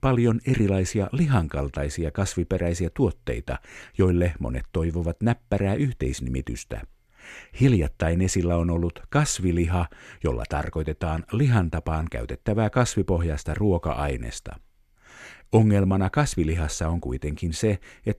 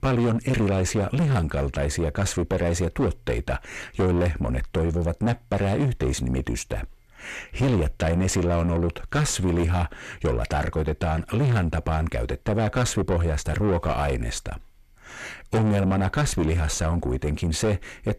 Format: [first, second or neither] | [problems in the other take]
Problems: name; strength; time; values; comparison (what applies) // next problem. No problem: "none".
first | distortion; heavy; 5 dB below the speech